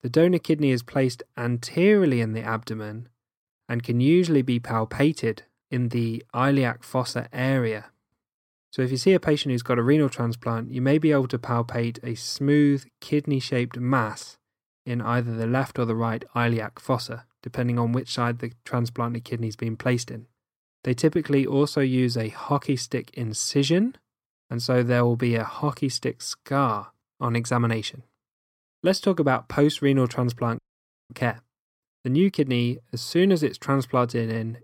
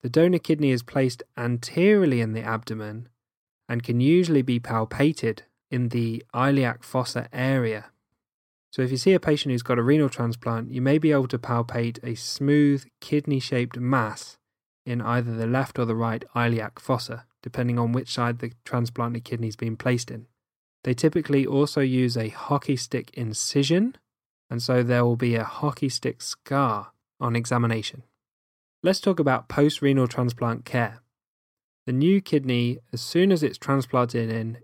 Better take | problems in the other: second | audio freezing; at 31 s for 0.5 s

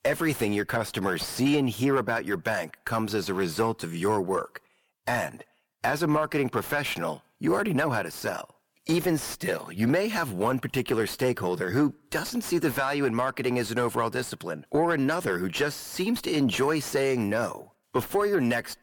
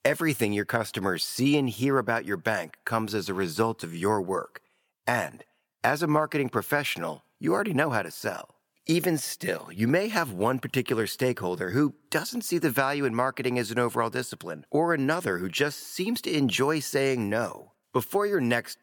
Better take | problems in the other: second | distortion; slight; 10 dB below the speech

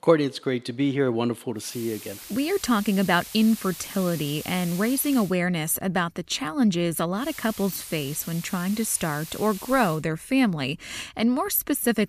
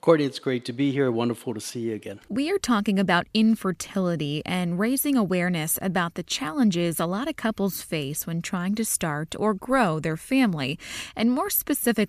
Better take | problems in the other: second | hiss; noticeable; from 1.5 to 5.5 s and from 7 to 10 s; 15 dB below the speech

